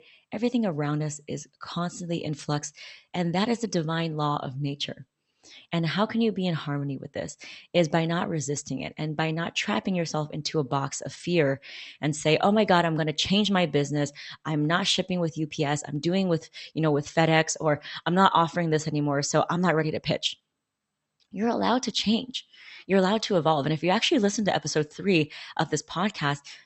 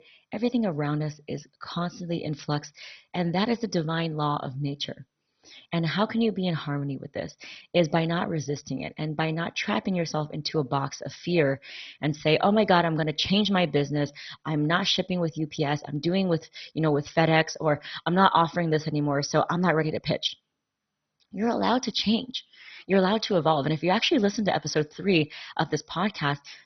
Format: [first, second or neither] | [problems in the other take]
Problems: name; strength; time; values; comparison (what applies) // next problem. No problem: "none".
first | garbled, watery; badly; nothing above 6 kHz; slightly in the first